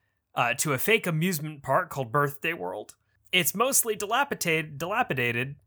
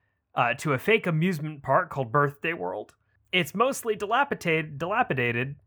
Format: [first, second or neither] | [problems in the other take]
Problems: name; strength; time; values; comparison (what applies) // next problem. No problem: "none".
first | muffled; slightly; fading above 4 kHz